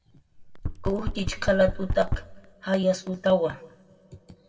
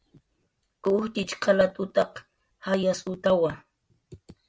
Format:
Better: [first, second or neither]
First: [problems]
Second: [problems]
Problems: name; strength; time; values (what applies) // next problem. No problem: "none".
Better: second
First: background sound (Knock); 4 dB below the speech // room echo; dies away in 2 s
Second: none